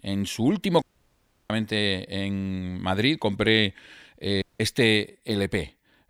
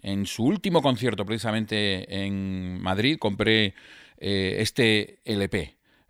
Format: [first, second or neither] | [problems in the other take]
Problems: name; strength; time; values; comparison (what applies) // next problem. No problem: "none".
second | audio cutting out; at 1 s for 0.5 s and at 4.5 s